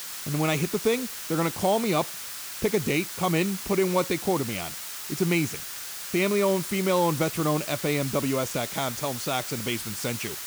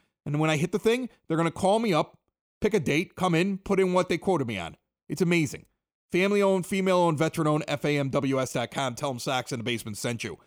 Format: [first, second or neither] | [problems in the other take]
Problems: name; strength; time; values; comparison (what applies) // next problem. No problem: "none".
second | hiss; loud; throughout; 7 dB below the speech